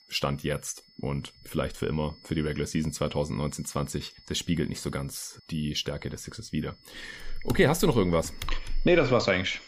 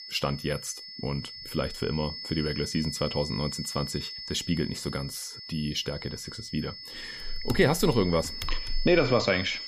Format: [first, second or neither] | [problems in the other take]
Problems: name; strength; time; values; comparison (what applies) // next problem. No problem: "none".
first | high-pitched whine; loud; throughout; 5 kHz, 8 dB below the speech; faint in the first